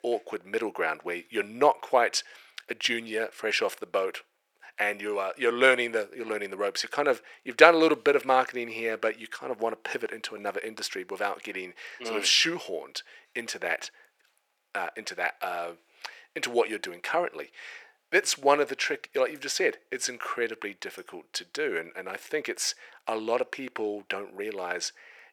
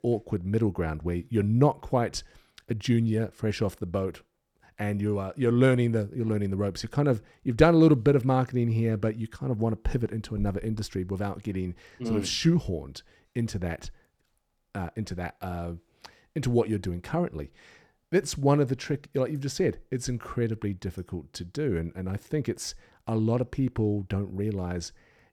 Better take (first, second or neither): second